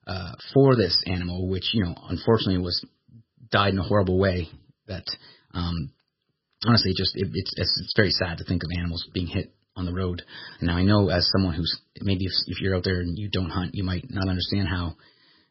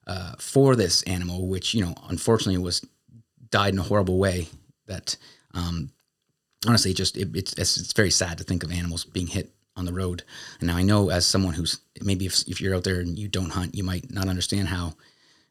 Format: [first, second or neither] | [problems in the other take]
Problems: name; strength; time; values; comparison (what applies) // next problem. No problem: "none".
second | garbled, watery; badly; nothing above 5 kHz